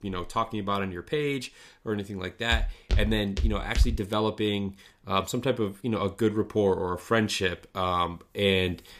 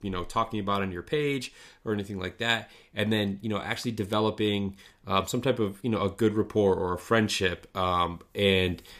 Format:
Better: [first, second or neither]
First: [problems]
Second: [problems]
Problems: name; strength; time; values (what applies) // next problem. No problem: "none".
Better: second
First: footsteps; loud; from 2.5 to 4 s; peak level with the speech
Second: none